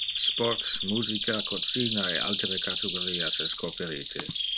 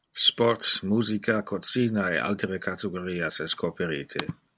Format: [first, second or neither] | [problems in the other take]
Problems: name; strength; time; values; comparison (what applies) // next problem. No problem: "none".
second | background sound (Bird vocalization, bird call, bird song); 2 dB above the speech